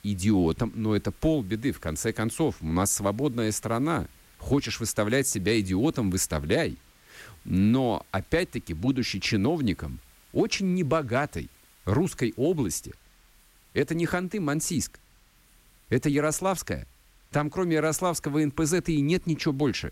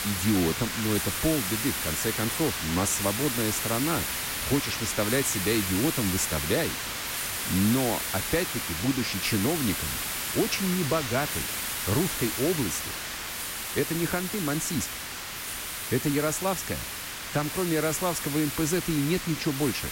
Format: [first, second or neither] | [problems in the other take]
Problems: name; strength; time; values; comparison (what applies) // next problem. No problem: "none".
first | hiss; loud; throughout; 1 dB below the speech; faint in the first